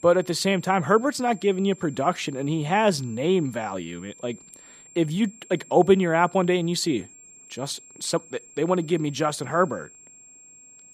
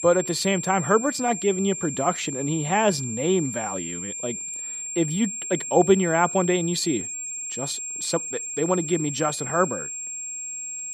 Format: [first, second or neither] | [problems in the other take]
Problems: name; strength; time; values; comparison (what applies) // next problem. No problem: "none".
first | high-pitched whine; loud; throughout; 7.5 kHz, 5 dB below the speech; faint in the first